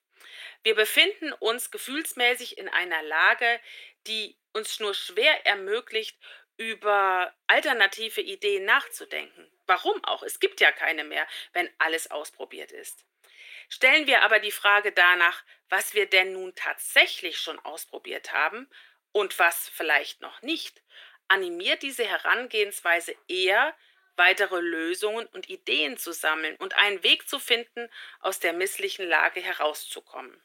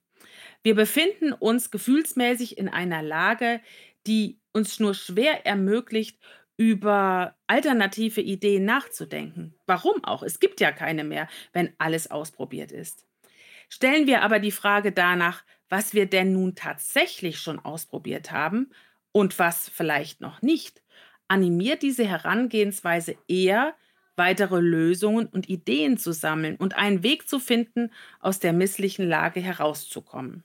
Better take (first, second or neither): second